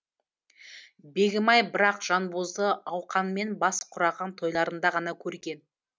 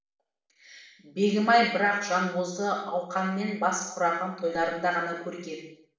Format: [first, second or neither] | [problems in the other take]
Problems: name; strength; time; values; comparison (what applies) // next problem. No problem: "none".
first | room echo; dies away in 0.6 s